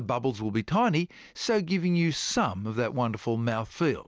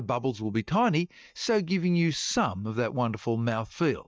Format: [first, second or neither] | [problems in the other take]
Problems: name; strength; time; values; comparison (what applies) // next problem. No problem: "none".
first | noise reduction (neural mask model DeepFilterNet 3)